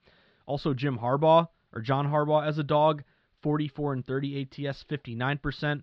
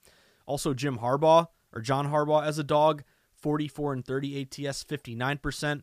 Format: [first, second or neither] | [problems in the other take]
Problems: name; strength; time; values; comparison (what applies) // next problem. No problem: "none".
second | muffled; slightly; fading above 4 kHz